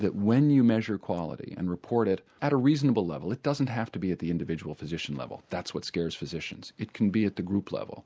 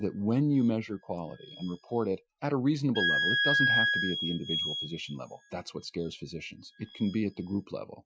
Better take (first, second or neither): first